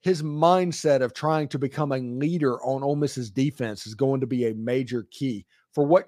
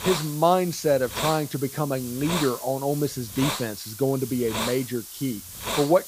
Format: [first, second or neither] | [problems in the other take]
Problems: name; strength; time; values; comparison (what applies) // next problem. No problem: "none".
first | hiss; loud; throughout; 7 dB below the speech